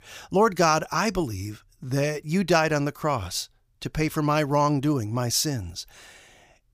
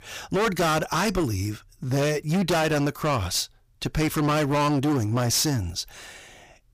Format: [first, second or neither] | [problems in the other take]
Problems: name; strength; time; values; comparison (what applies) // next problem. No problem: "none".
first | distortion; heavy; 19% of the sound clipped